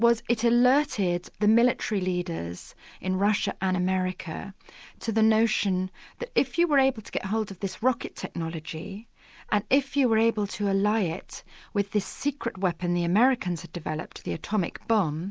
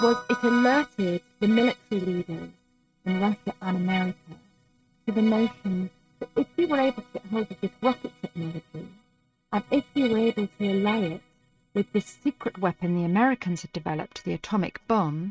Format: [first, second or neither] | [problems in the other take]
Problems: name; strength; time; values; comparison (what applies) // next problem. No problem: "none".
first | noise reduction (neural mask model RNNoise)